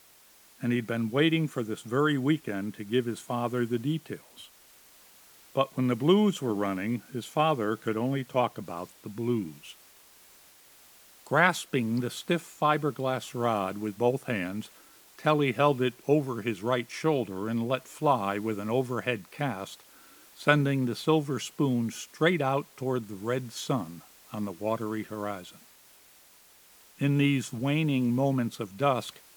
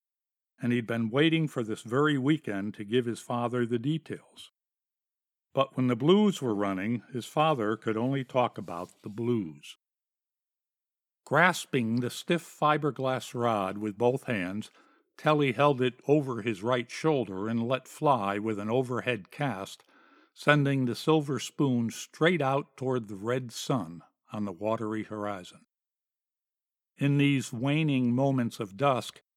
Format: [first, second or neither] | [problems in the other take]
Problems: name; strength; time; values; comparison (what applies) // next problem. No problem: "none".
second | hiss; faint; throughout; 25 dB below the speech